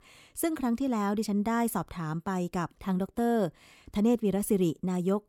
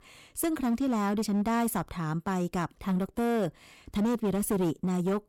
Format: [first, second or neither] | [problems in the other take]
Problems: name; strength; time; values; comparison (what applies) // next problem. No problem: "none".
first | distortion; slight; 12% of the sound clipped